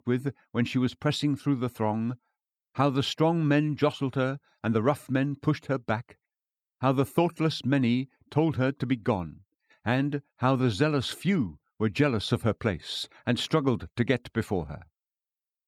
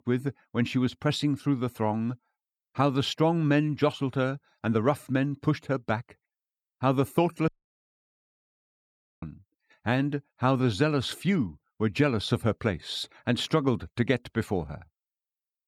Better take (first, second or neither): first